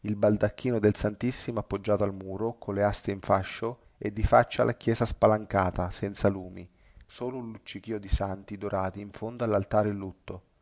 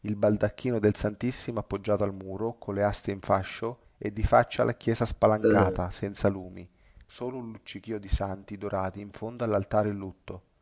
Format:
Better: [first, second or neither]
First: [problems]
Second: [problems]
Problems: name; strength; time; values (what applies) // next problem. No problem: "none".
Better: first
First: none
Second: background sound (Burping, eructation); 4 dB above the speech